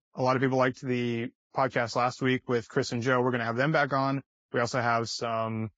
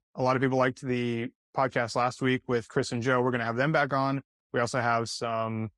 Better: second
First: garbled, watery; badly; nothing above 7.5 kHz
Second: garbled, watery; slightly

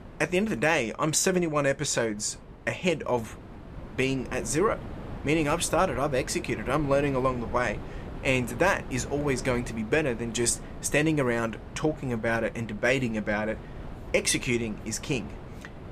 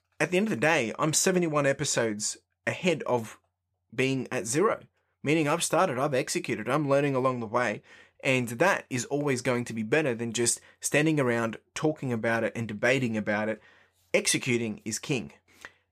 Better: second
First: wind noise on the microphone; occasional gusts; 20 dB below the speech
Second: none

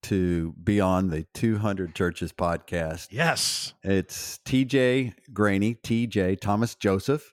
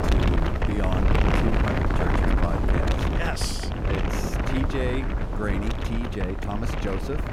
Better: first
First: none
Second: wind noise on the microphone; heavy; 4 dB above the speech

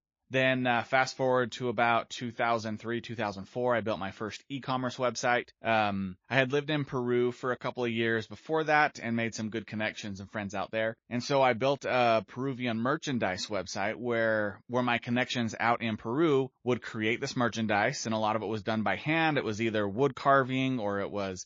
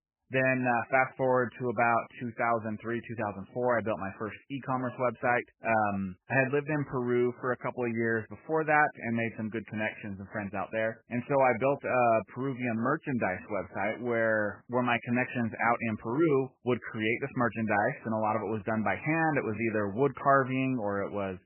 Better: first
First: garbled, watery; slightly; nothing above 6.5 kHz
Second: garbled, watery; badly; nothing above 2.5 kHz

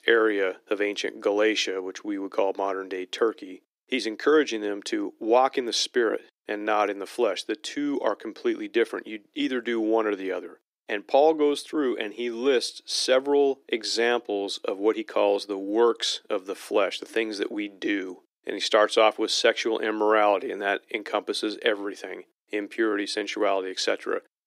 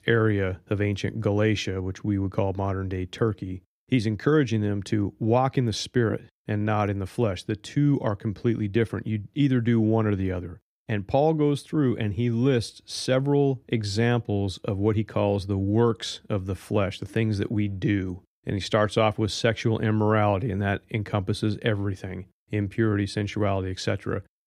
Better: second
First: thin; very; fading below 350 Hz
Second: none

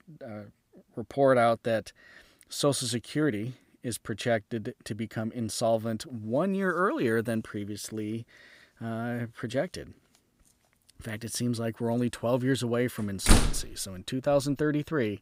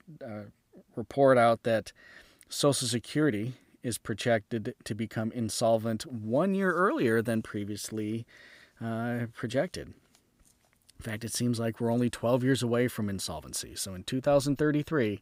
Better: second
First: door banging; loud; at 13 s; peak 6 dB above the speech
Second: none

